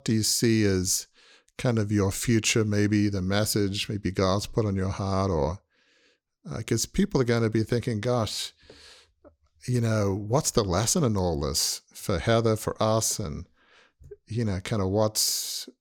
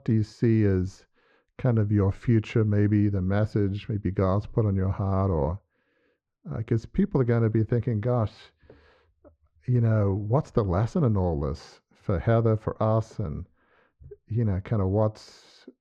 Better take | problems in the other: first | muffled; very; fading above 1.5 kHz

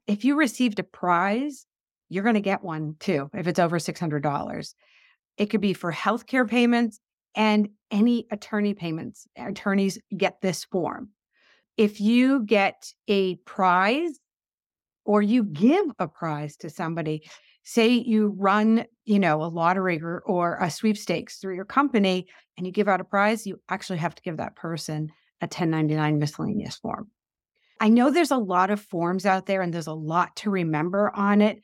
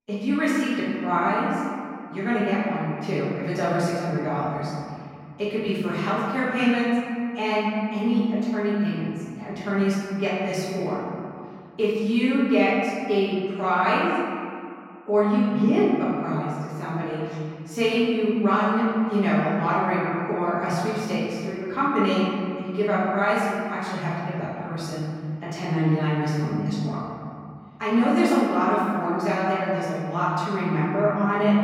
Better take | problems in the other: first | off-mic speech; far // room echo; strong; dies away in 2.2 s

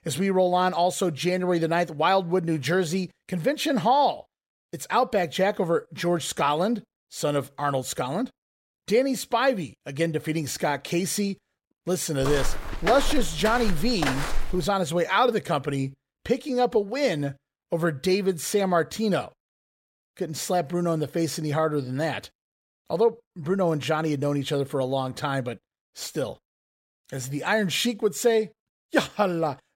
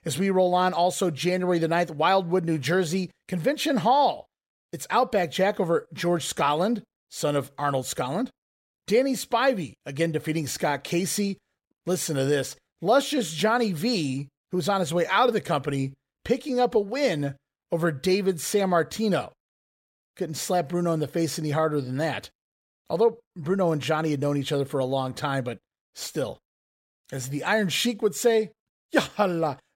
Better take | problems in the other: second | footsteps; noticeable; from 12 to 15 s; peak 3 dB below the speech

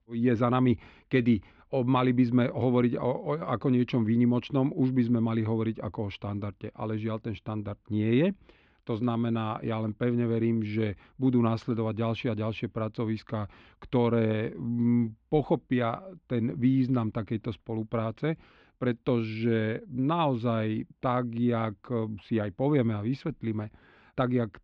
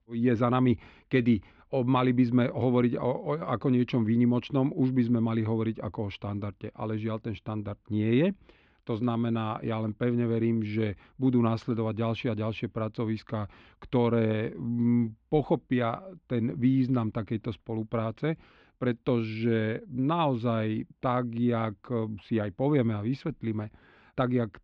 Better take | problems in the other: neither | muffled; very; fading above 3.5 kHz; the same in both

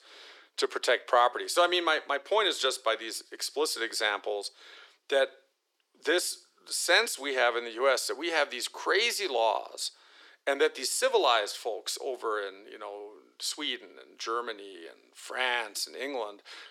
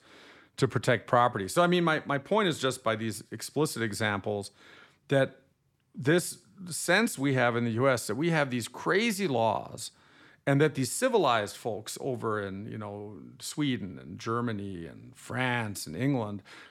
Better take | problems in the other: second | thin; very; fading below 350 Hz

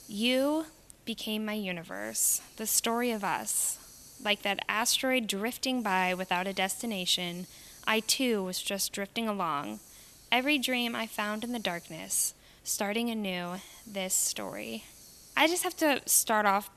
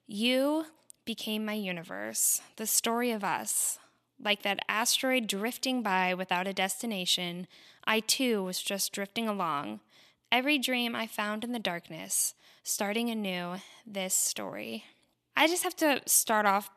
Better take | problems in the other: second | hiss; faint; throughout; 25 dB below the speech

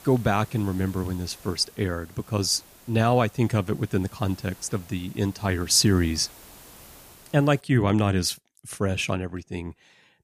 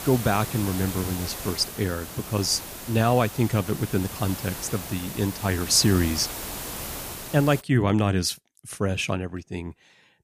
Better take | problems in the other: first | hiss; loud; until 7.5 s; 9 dB below the speech; faint in the first

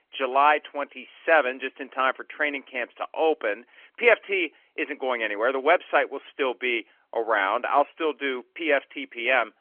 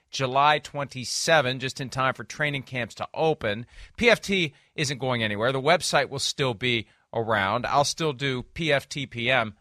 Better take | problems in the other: second | phone-call audio; nothing above 3.5 kHz

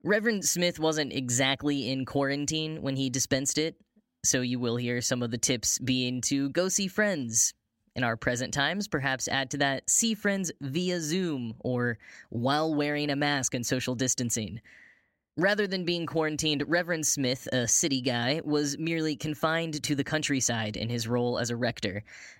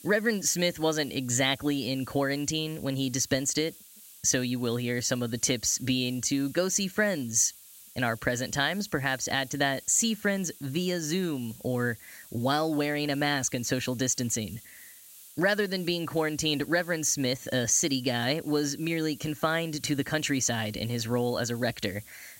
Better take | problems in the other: first | hiss; noticeable; throughout; 20 dB below the speech

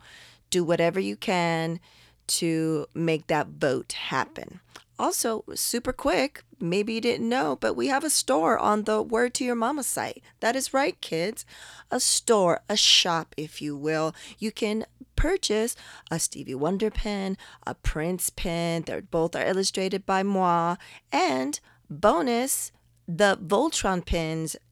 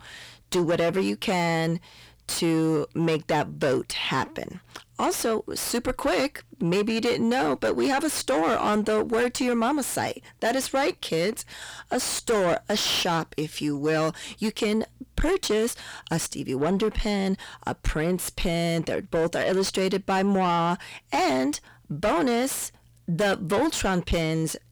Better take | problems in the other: first | distortion; heavy; 6 dB below the speech

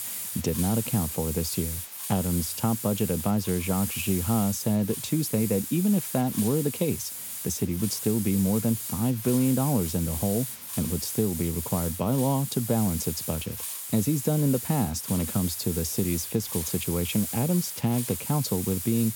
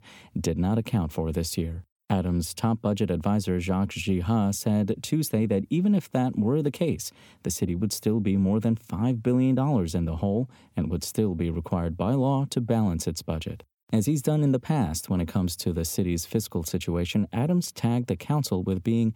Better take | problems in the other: second | hiss; loud; throughout; 5 dB below the speech

